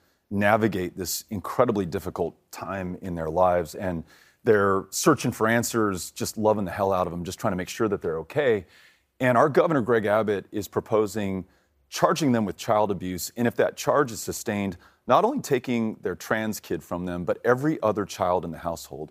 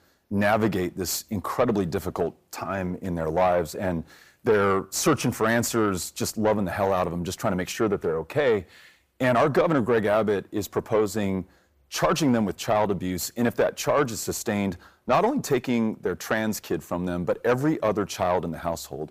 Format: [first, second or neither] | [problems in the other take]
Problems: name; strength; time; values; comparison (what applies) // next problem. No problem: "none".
first | distortion; slight; 10 dB below the speech